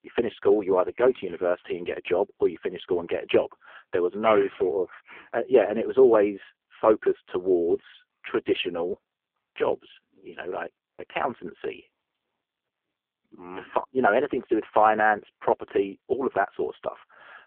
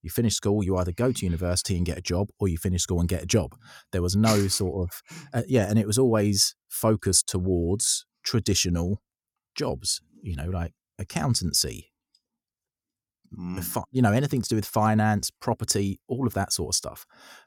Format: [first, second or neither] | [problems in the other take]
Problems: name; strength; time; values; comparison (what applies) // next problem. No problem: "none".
second | phone-call audio; poor line